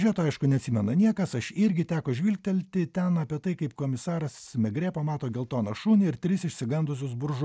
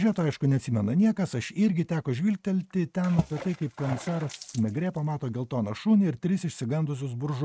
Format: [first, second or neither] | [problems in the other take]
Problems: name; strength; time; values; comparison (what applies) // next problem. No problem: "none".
first | noise reduction (neural mask model RNNoise)